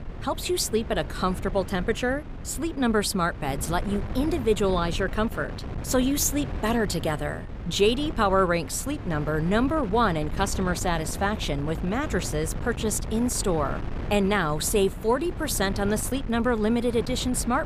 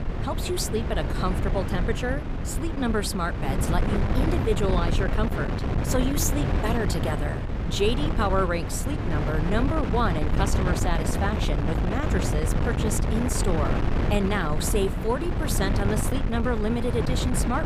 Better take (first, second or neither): first